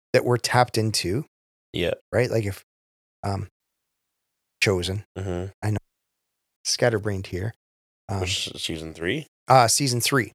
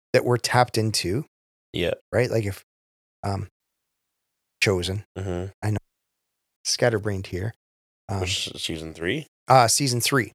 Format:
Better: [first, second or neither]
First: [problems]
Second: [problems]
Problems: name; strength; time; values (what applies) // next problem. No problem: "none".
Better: neither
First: audio cutting out; at 3.5 s for 1 s and at 6 s for 1 s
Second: audio cutting out; at 3.5 s for 1 s and at 6 s for 1 s